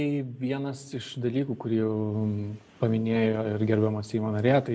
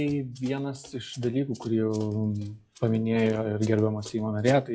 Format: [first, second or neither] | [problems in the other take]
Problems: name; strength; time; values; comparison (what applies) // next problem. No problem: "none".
first | noise reduction (classical method log-MMSE)